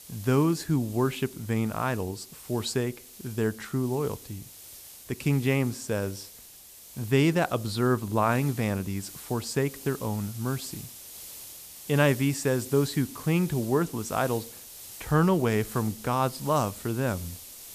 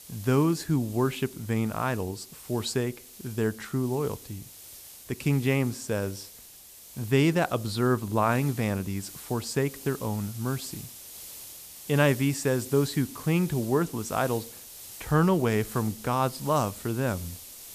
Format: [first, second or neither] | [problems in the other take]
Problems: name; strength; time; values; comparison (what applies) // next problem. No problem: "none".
neither | hiss; noticeable; throughout; 15 dB below the speech; the same in both